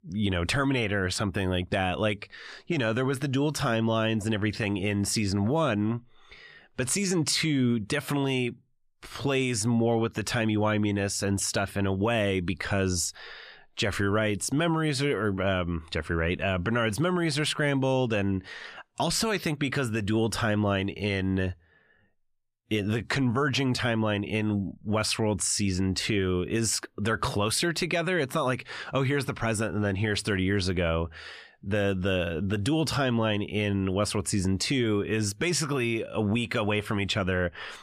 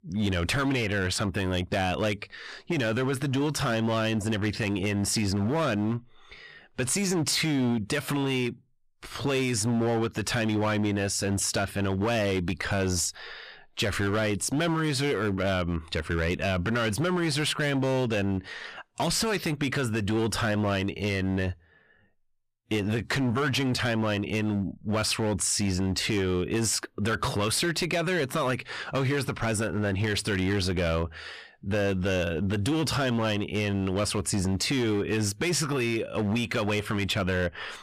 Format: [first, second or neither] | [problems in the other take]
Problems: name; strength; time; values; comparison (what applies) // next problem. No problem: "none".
first | distortion; slight; 15% of the sound clipped